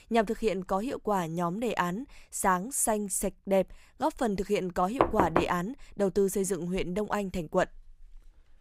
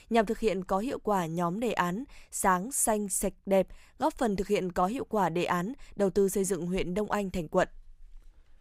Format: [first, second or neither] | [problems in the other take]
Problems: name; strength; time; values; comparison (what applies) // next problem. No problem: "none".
second | door banging; loud; at 5 s; peak 2 dB above the speech